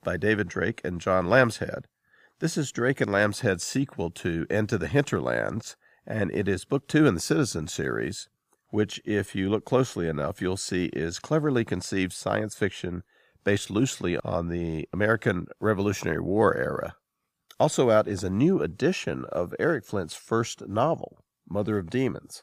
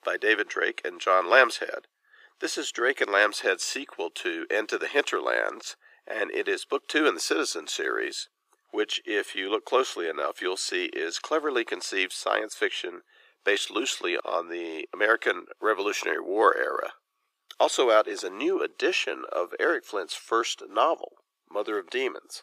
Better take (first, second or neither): first